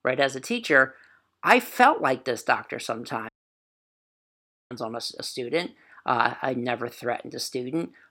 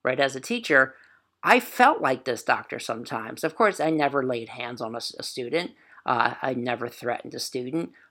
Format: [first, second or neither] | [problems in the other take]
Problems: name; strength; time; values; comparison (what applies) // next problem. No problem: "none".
second | audio cutting out; at 3.5 s for 1.5 s